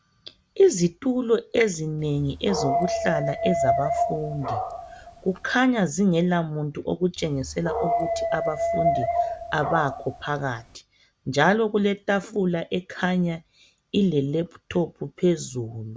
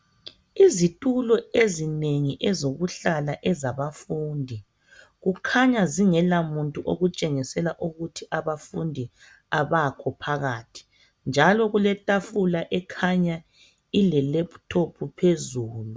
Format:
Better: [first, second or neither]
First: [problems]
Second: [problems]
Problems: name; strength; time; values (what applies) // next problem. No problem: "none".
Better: second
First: background sound (Dog); 2 dB below the speech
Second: none